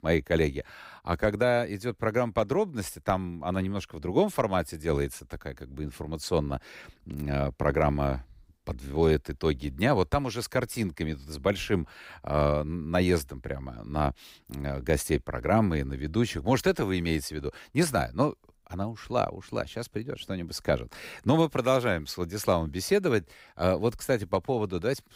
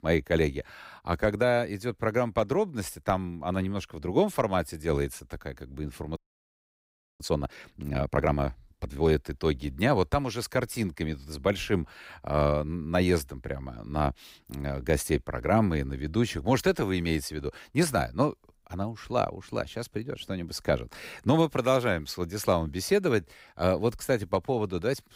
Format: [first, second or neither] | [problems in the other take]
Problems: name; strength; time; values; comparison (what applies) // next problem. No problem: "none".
first | audio freezing; at 6 s for 1 s